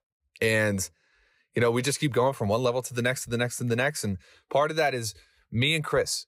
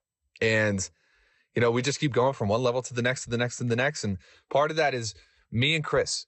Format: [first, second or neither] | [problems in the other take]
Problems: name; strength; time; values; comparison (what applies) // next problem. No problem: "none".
first | garbled, watery; slightly; nothing above 8 kHz